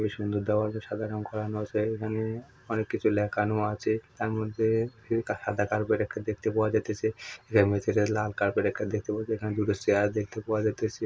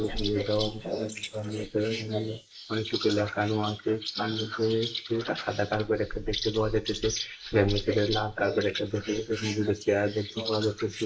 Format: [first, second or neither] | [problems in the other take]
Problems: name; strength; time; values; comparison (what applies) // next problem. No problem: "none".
first | noise reduction (neural mask model Resemble Enhance denoiser)